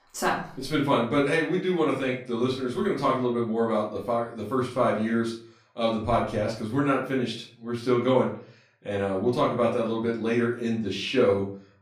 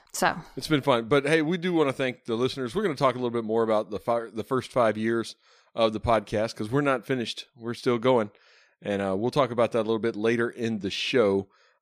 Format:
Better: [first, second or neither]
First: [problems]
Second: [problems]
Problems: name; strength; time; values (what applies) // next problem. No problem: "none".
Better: second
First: off-mic speech; far // room echo; slight; dies away in 0.4 s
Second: none